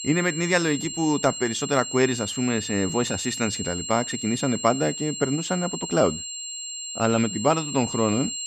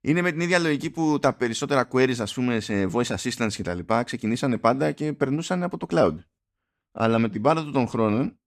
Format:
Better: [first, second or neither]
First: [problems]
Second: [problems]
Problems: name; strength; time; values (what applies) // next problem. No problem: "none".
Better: second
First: high-pitched whine; loud; throughout; 7.5 kHz, 6 dB below the speech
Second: none